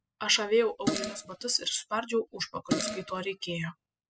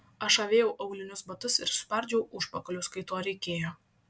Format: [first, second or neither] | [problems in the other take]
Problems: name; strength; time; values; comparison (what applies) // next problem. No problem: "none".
second | noise reduction (classical method spectral subtraction)